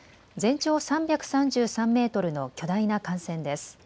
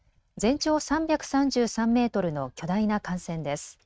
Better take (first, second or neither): first